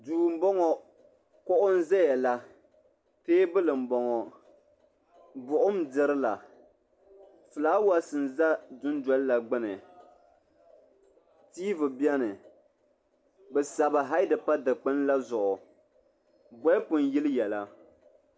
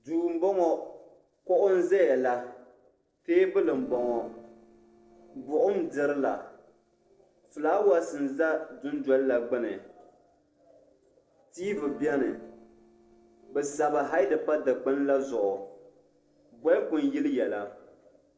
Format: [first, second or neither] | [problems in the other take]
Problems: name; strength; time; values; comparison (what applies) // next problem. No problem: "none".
first | noise reduction (neural separator model SepFormer DNS4)